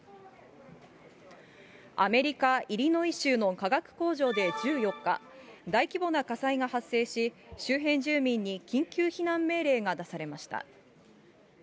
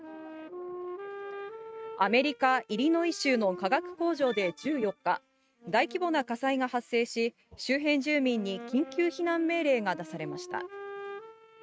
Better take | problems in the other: first | noise reduction (neural mask model RNNoise)

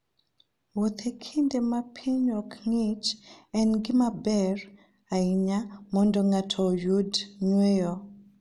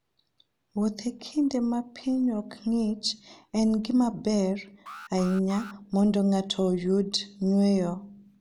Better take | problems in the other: first | background sound (Alarm); 19 dB below the speech

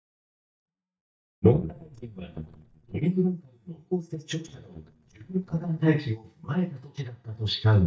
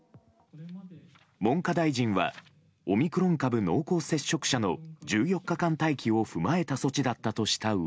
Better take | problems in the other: second | noise reduction (neural mask model DeepFilterNet 3)

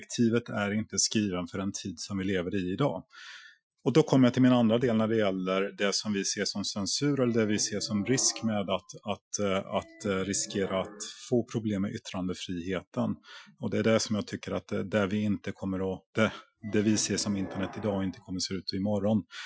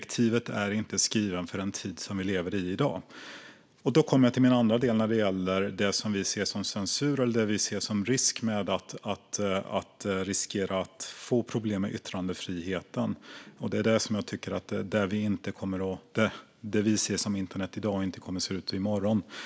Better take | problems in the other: second | noise reduction (classical method Wiener filter)

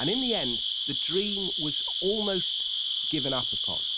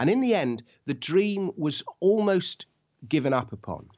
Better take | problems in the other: second | noise reduction (neural mask model RNNoise)

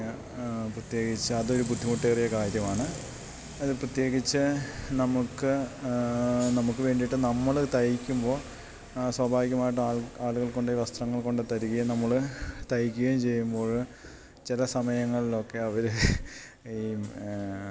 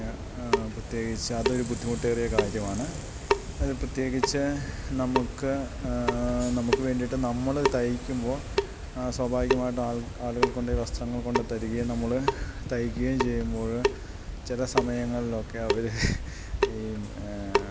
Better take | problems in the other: first | background sound (Drip / Sink (filling or washing) / Water tap, faucet); 2 dB below the speech

